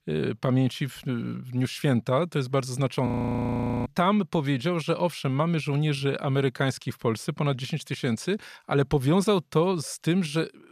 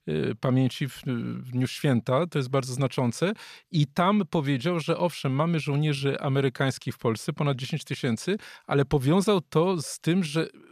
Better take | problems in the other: second | audio freezing; at 3 s for 1 s

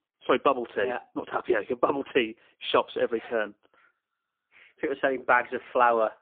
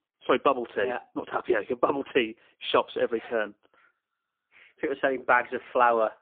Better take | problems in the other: neither | phone-call audio; poor line; nothing above 3.5 kHz; the same in both

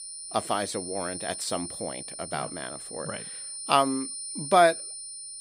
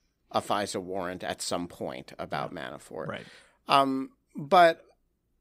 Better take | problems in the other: second | high-pitched whine; loud; throughout; 9.5 kHz, 8 dB below the speech

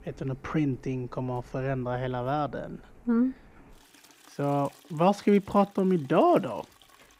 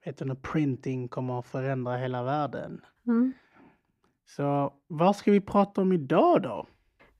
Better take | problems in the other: second | household noises; faint; throughout; 25 dB below the speech

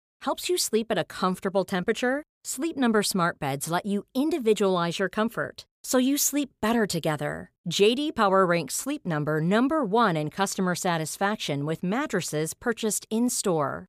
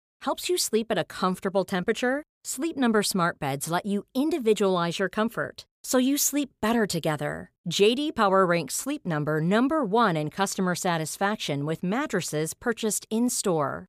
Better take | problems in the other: neither | none

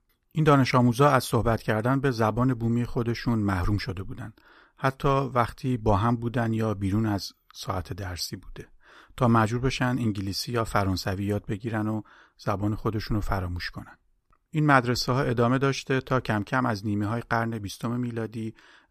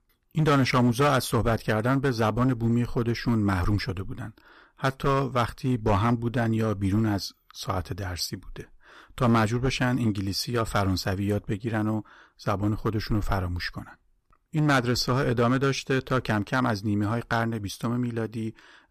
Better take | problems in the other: first | distortion; slight; 4% of the sound clipped

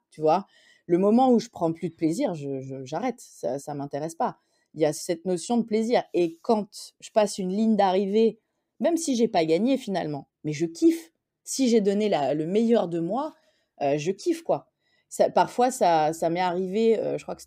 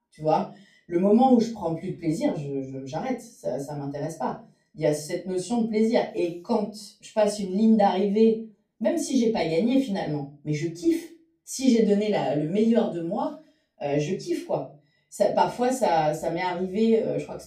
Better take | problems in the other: first | off-mic speech; far // room echo; slight; dies away in 0.3 s

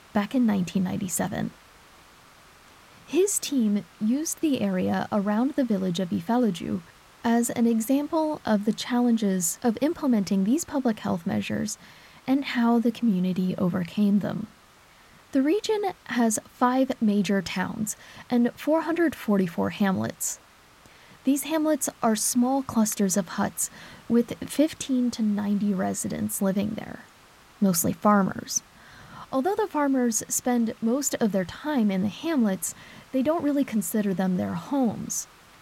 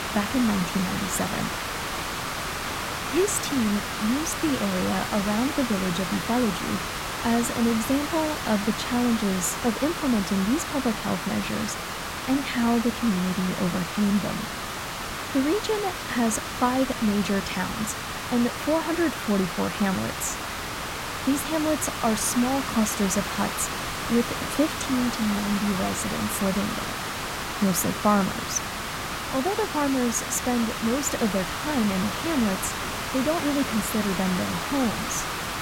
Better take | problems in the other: first | hiss; loud; throughout; 3 dB below the speech; faint in the first

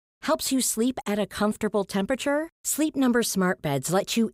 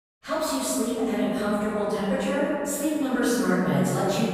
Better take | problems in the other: first | room echo; strong; dies away in 2.4 s // off-mic speech; far

